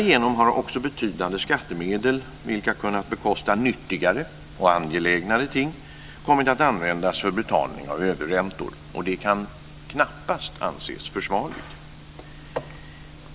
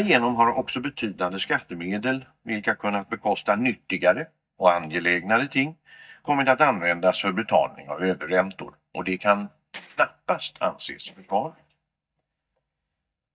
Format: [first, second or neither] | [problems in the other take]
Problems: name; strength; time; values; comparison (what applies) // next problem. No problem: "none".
first | noise reduction (neural mask model DeepFilterNet 3)